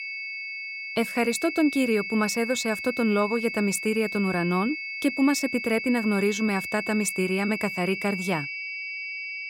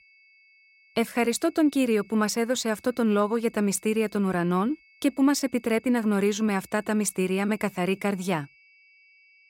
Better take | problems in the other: second | high-pitched whine; loud; throughout; 2 kHz, 6 dB below the speech; faint in the second

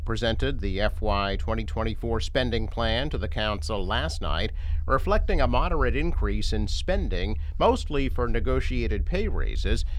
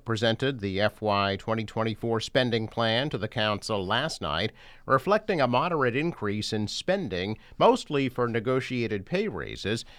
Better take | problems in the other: second | low rumble; faint; throughout; 25 dB below the speech

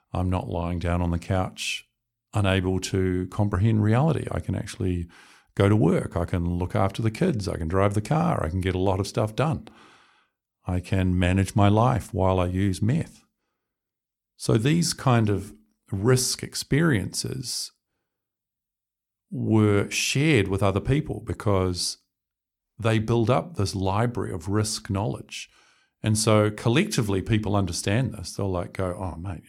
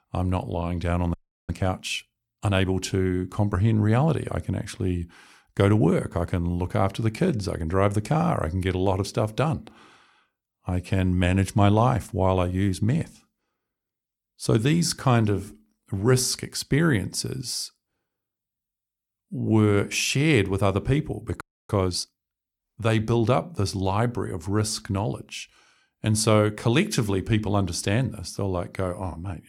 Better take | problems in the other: first | audio freezing; at 1 s and at 21 s

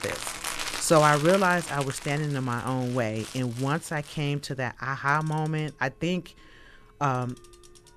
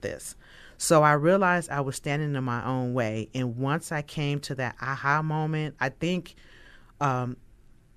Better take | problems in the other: second | household noises; loud; throughout; 9 dB below the speech

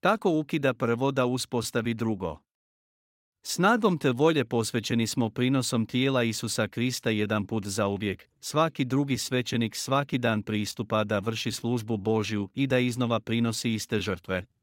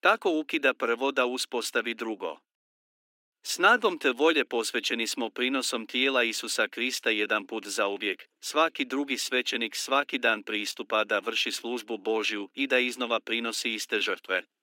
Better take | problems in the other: first | thin; somewhat; fading below 300 Hz

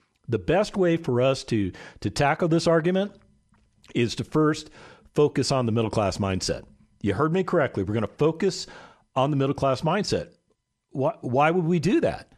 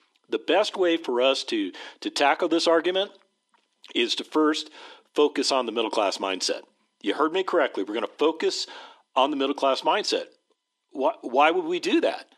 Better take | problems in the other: first | thin; somewhat; fading below 300 Hz

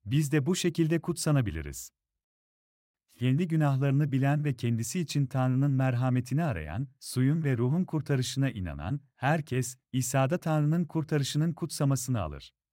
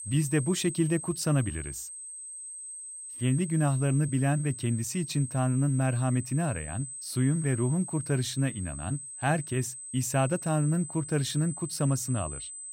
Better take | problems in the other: first | high-pitched whine; loud; throughout; 8 kHz, 9 dB below the speech

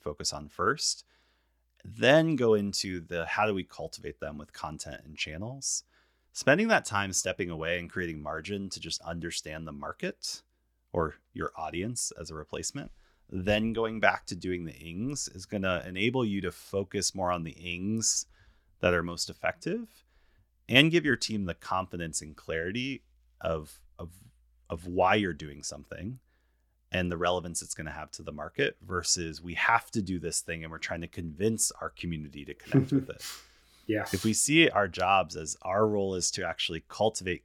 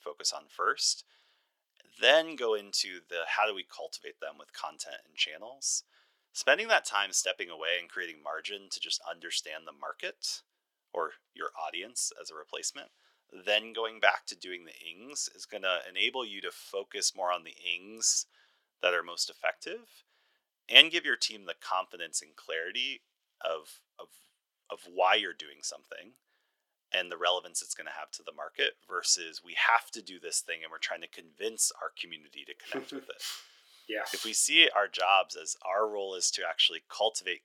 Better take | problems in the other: first | thin; very; fading below 500 Hz

